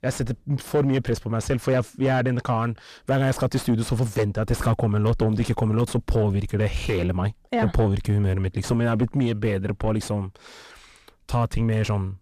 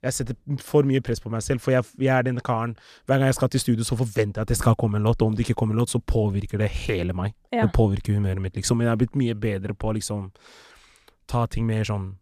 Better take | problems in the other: second | distortion; slight; 9 dB below the speech

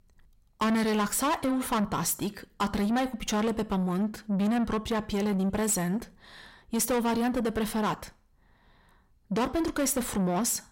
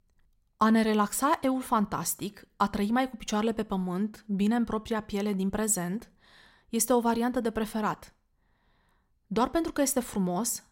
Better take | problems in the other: second | distortion; heavy; 8 dB below the speech

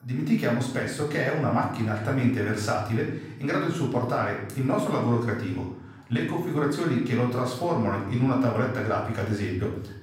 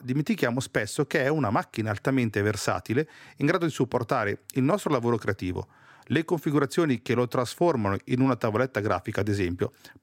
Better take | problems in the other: second | off-mic speech; far // room echo; noticeable; dies away in 0.7 s

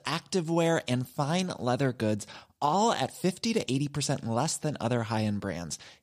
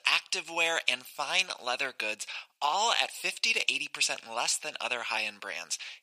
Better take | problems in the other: first | thin; very; fading below 950 Hz

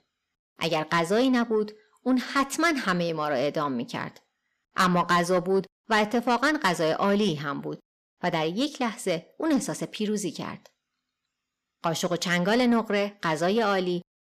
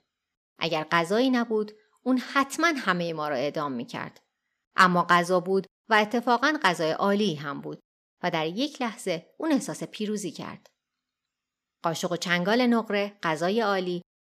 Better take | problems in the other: second | distortion; slight; 10 dB below the speech

